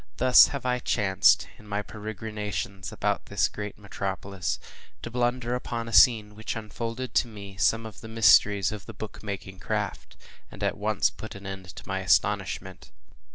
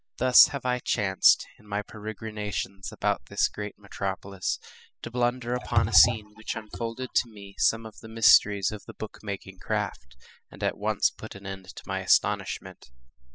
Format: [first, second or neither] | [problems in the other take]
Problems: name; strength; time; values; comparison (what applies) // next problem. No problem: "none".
first | noise reduction (classical method spectral subtraction)